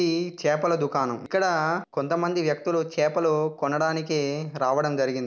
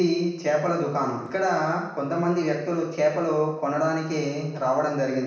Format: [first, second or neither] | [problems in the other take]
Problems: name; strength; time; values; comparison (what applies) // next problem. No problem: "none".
first | room echo; dies away in 0.9 s